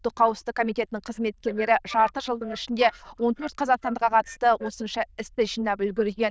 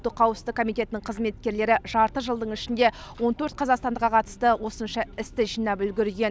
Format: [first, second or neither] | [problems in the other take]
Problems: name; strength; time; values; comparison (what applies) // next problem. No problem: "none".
second | noise reduction (neural diffusion model UNIVERSE++)